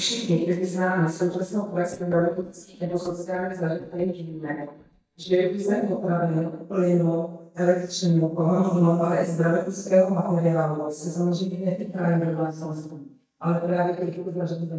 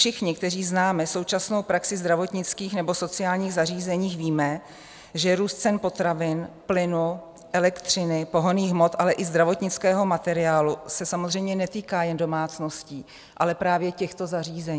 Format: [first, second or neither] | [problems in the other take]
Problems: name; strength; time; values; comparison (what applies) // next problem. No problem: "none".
second | noise reduction (neural mask model DeepFilterNet 3)